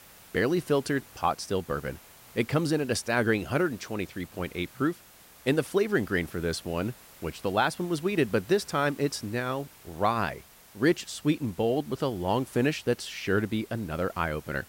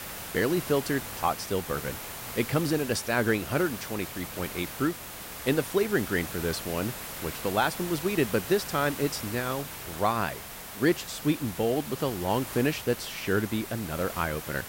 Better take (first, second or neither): first